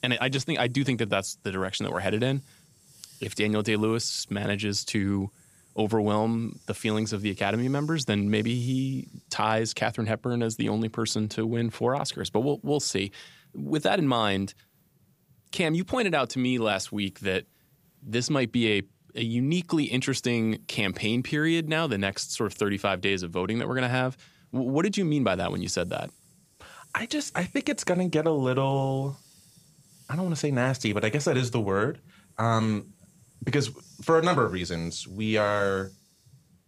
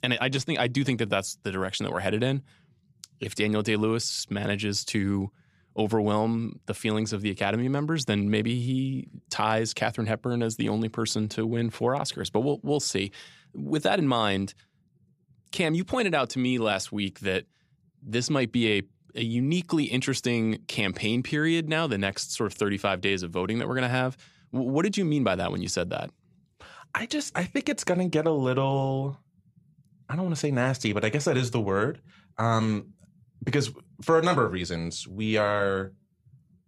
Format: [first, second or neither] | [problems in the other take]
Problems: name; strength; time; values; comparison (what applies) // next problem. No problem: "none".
second | hiss; faint; throughout; 30 dB below the speech